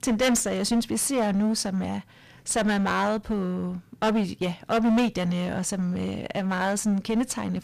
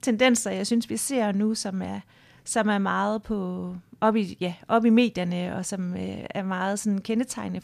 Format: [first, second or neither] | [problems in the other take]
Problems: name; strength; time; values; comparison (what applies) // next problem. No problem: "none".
second | distortion; heavy; 14% of the sound clipped